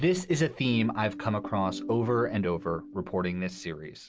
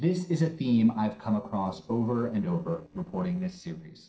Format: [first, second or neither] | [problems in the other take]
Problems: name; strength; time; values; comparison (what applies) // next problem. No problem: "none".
first | noise reduction (neural separator model SepFormer DNS4)